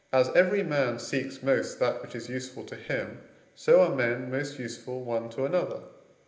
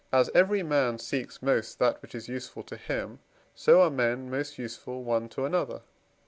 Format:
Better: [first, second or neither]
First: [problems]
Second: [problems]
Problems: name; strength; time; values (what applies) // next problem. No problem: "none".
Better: second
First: room echo; dies away in 0.8 s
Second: none